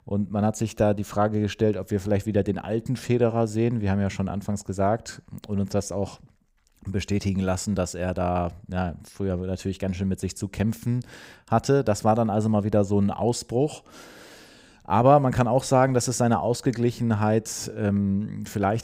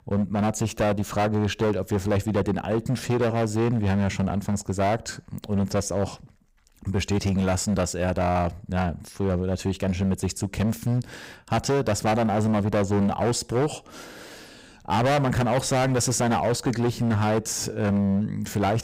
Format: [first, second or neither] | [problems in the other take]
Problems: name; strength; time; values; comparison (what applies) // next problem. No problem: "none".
first | distortion; heavy; 16% of the sound clipped